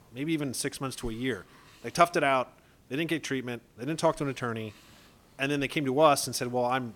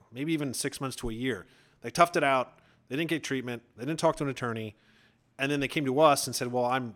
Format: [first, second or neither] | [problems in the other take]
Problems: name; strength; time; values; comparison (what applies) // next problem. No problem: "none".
second | hiss; faint; throughout; 30 dB below the speech